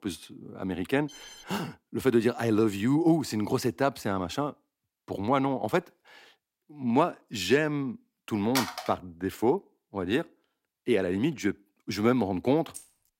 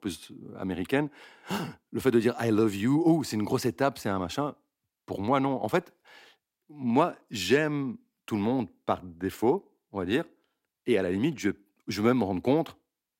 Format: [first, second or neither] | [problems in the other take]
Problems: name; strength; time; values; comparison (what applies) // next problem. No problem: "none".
second | alarm; faint; at 1 s; peak 20 dB below the speech // phone ringing; noticeable; at 8.5 s; peak 3 dB below the speech // jangling keys; faint; at 13 s; peak 20 dB below the speech